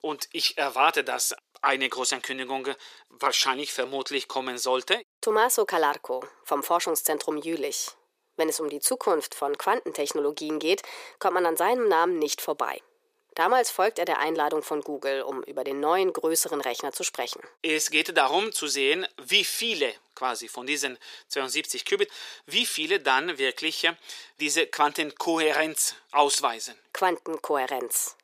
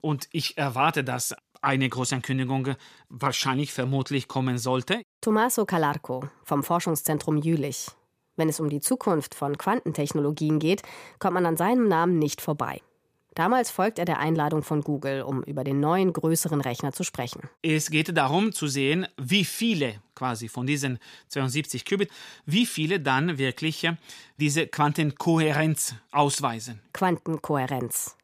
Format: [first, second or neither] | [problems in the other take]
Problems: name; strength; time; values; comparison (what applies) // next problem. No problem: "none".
second | thin; very; fading below 400 Hz